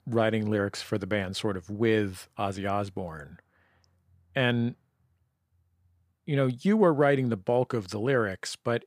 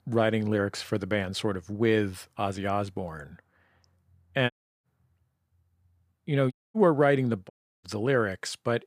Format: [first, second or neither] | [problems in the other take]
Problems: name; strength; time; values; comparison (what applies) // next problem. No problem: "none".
first | audio cutting out; at 4.5 s, at 6.5 s and at 7.5 s